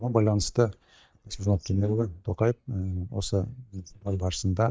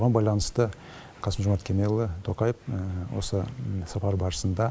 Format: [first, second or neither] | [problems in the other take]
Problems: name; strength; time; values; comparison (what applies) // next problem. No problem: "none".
second | noise reduction (neural mask model DeepFilterNet 3)